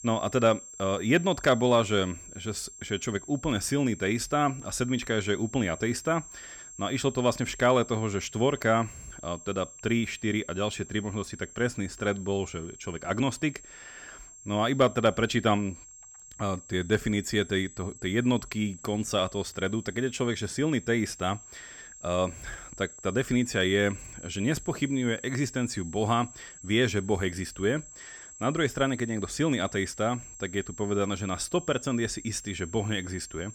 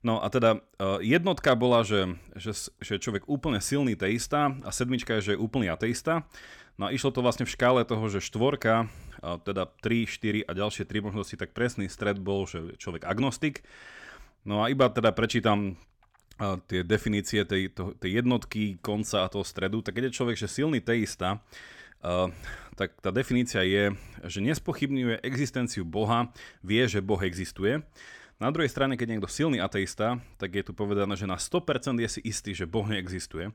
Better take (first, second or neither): second